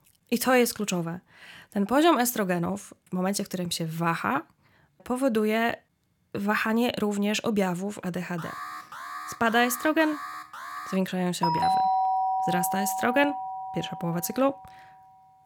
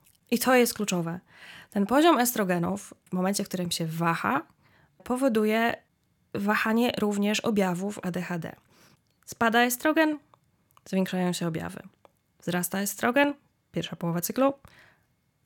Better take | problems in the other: second | alarm; faint; from 8.5 to 11 s; peak 10 dB below the speech // doorbell; loud; from 11 to 14 s; peak 3 dB above the speech

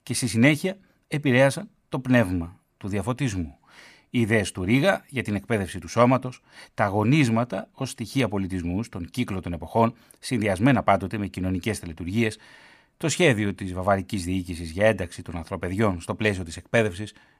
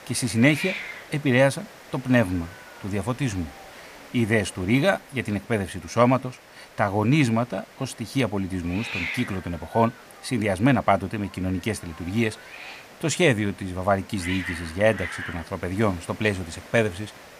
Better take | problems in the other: first | hiss; noticeable; throughout; 15 dB below the speech

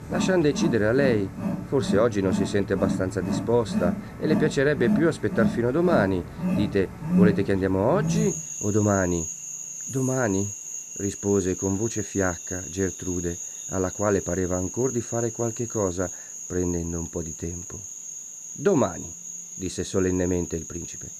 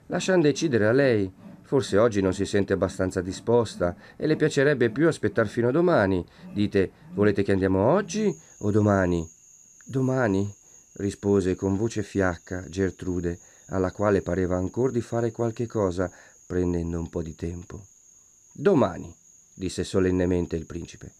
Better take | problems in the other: second | animal sounds; loud; throughout; 5 dB below the speech; faint in the second

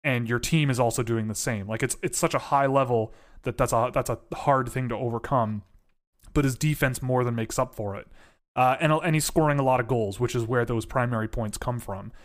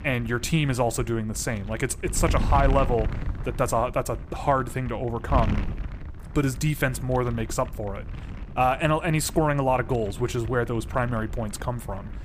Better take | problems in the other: first | wind noise on the microphone; occasional gusts; 15 dB below the speech

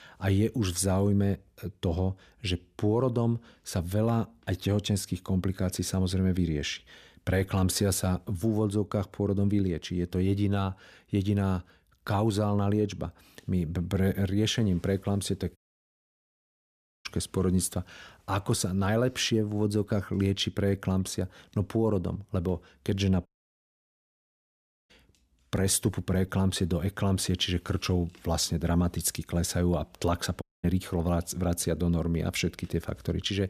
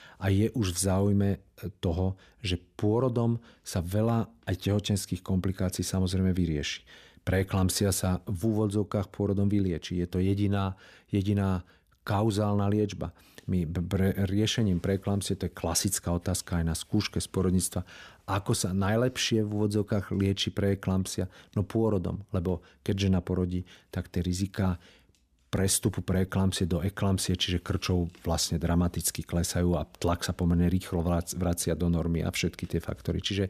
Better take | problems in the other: second | audio cutting out; at 16 s for 1.5 s, at 23 s for 1.5 s and at 30 s

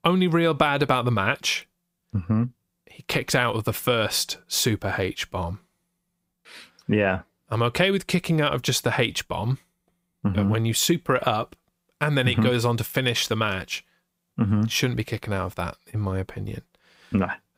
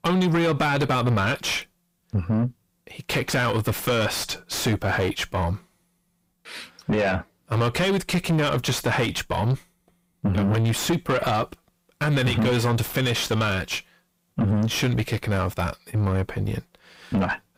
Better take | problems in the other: first | distortion; heavy; 6 dB below the speech

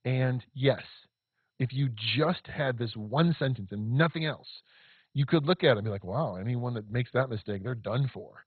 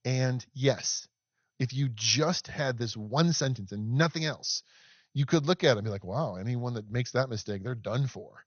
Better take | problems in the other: second | garbled, watery; badly; nothing above 4 kHz; slightly in the second

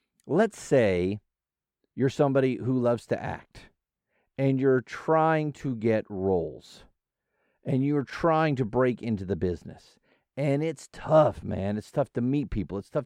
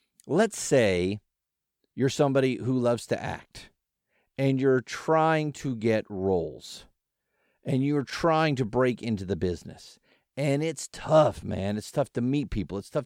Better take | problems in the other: second | muffled; slightly; fading above 2.5 kHz

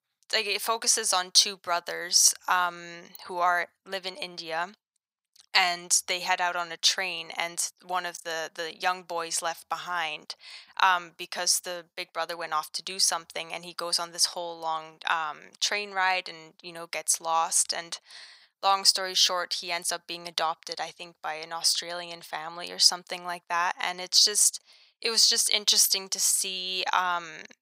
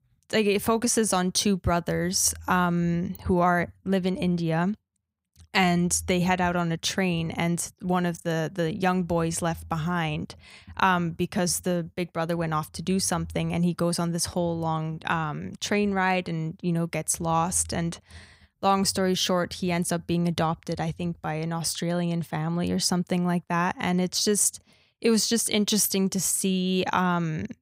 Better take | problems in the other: second | thin; very; fading below 850 Hz

